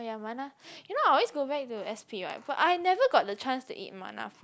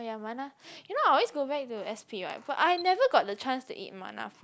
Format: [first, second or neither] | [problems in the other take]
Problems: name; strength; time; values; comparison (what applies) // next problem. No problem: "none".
first | background sound (Camera); 19 dB below the speech